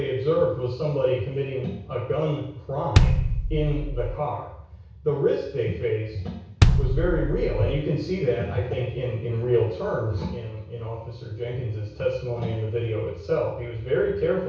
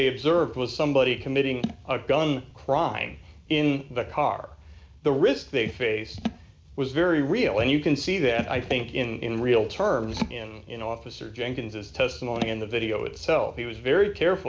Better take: second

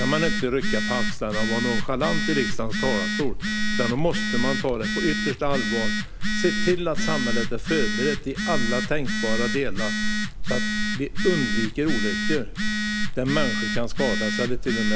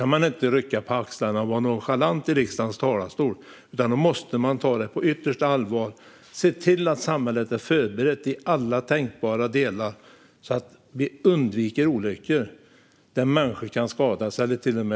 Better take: second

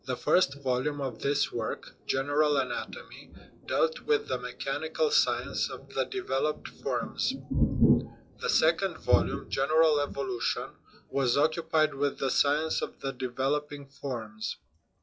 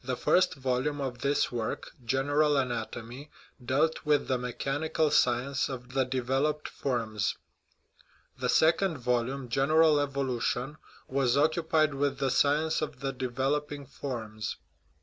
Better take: second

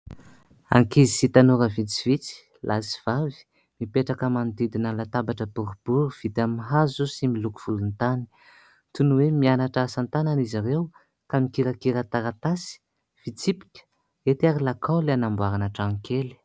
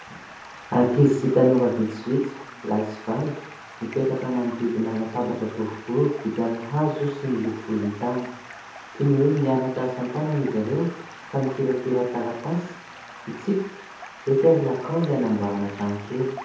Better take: first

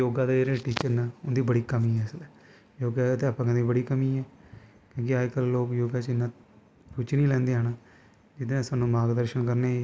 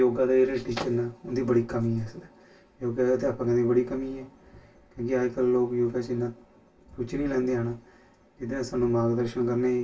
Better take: first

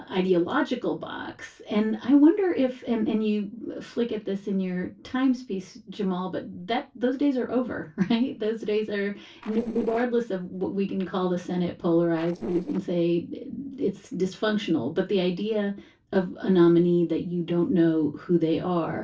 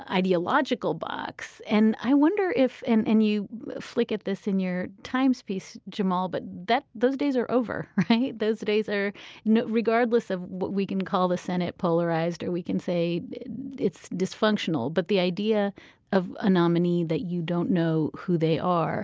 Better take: second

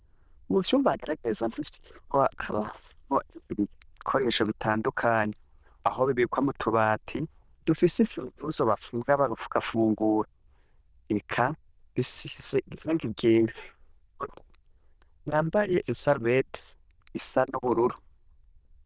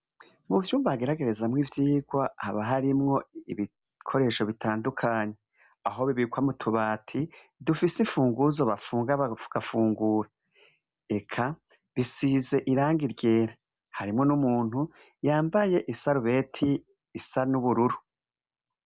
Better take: second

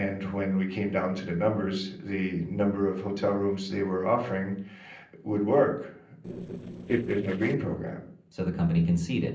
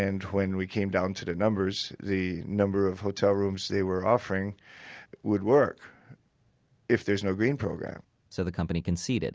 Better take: second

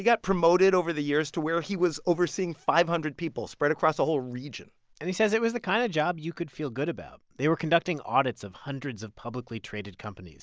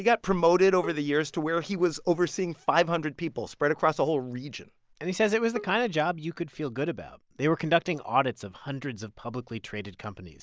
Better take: first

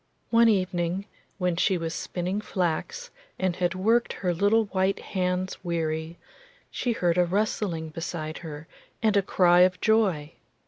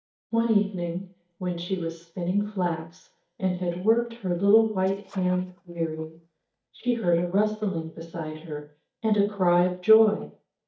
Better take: first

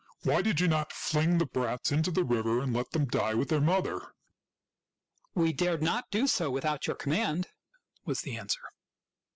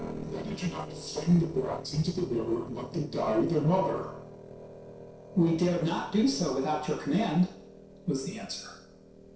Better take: first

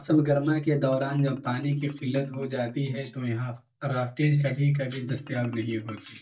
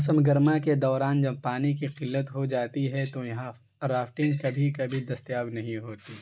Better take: second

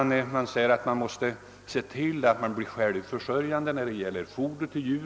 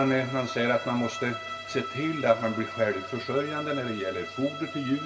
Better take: first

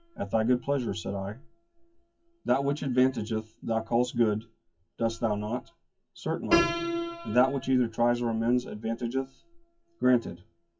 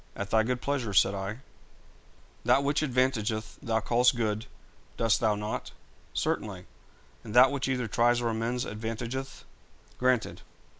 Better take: second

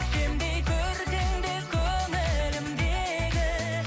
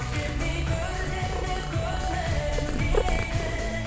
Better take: first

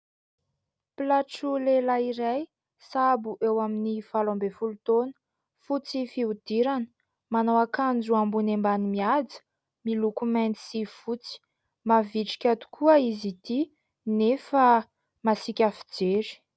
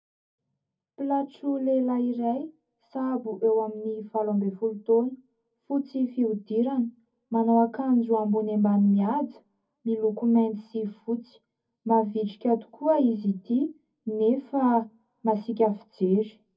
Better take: first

